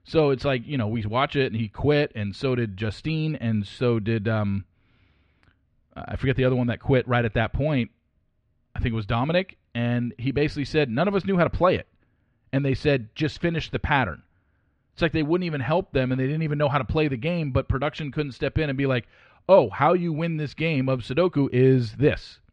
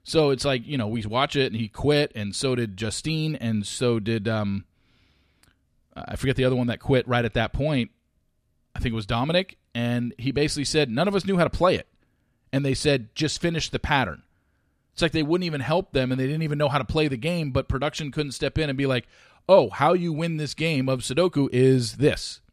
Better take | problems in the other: second | muffled; slightly; fading above 2.5 kHz

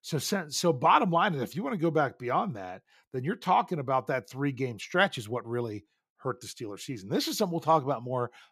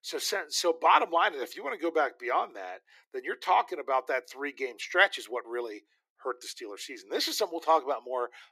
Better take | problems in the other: first | thin; very; fading below 350 Hz

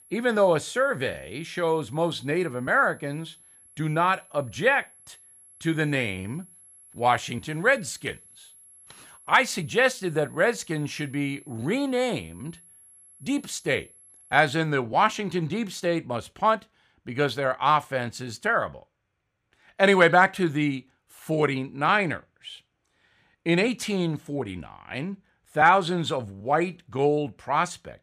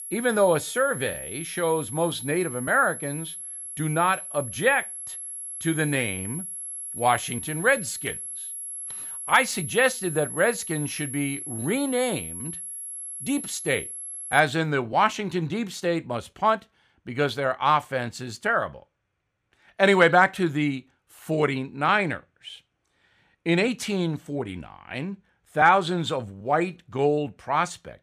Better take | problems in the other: first | high-pitched whine; loud; until 14 s; 11 kHz, 8 dB below the speech; faint in the first

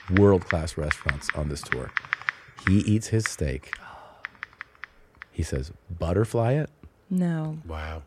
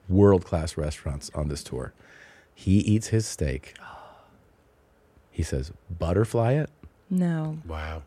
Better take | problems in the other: second | household noises; loud; throughout; 6 dB below the speech

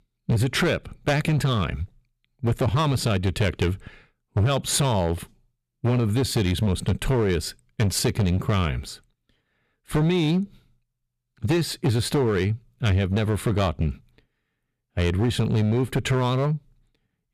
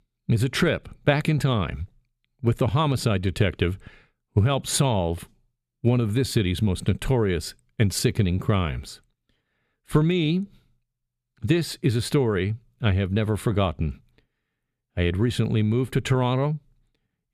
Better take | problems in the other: second | distortion; slight; 9% of the sound clipped

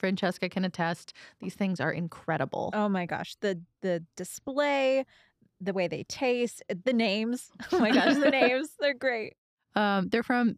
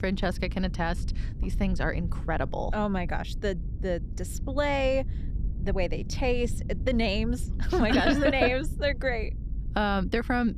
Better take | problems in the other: first | low rumble; faint; throughout; 20 dB below the speech

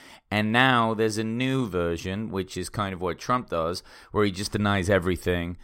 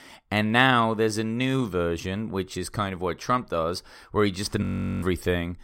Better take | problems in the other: first | audio freezing; at 4.5 s

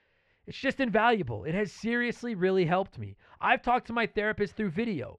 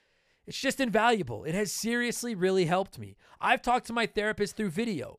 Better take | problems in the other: second | muffled; slightly; fading above 2.5 kHz

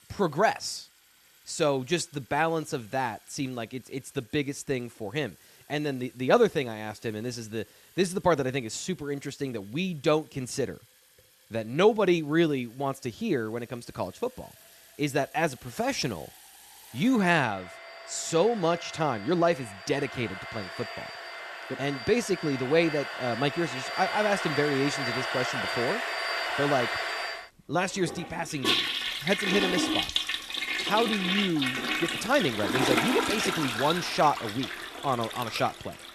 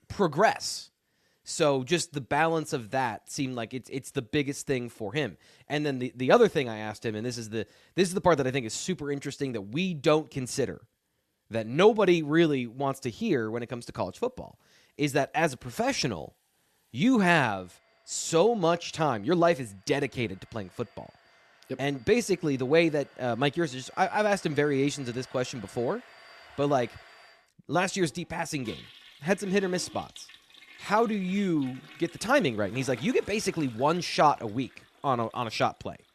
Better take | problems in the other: second | household noises; loud; throughout; 2 dB below the speech; faint in the second

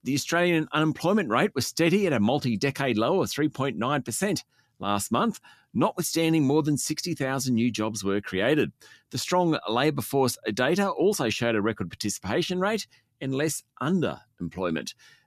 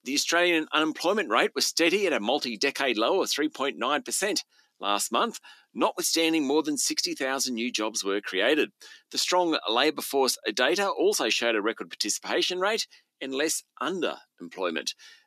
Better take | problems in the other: first | thin; somewhat; fading below 300 Hz

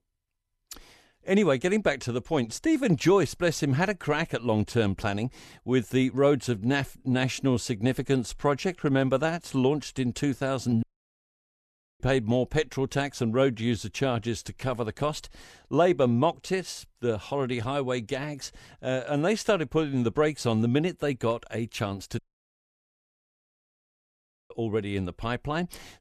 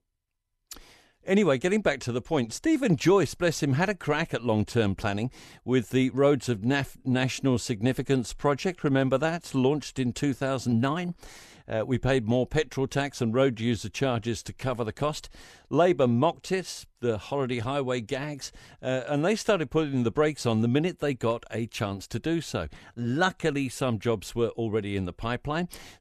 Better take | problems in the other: second | audio cutting out; at 11 s for 1 s and at 22 s for 2.5 s

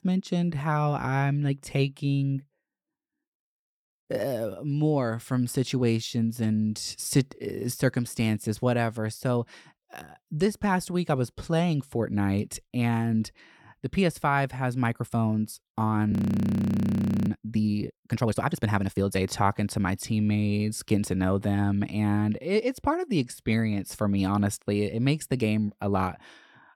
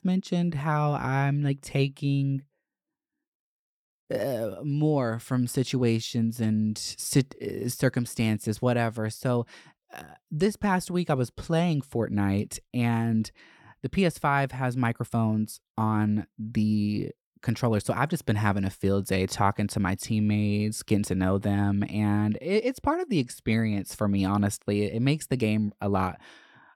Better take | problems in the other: second | audio freezing; at 16 s for 1 s

